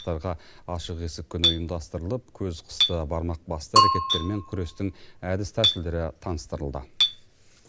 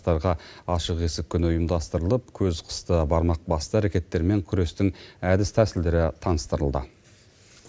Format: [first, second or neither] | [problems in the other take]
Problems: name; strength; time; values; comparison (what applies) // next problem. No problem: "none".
second | background sound (Bell / Percussion + Chink, clink); 2 dB above the speech